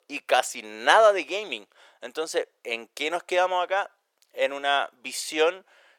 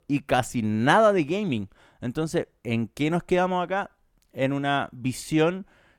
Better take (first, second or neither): second